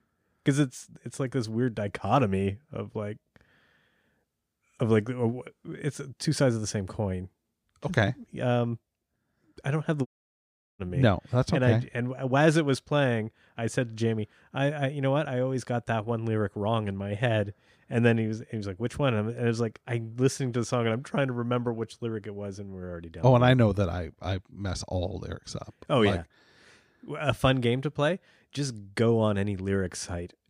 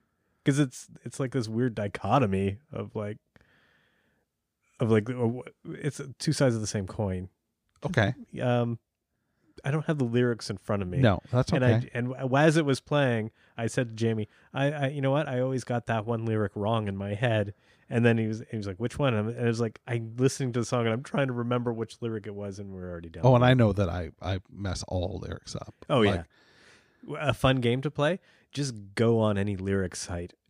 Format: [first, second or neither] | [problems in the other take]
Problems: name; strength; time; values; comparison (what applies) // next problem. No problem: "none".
second | audio cutting out; at 10 s for 0.5 s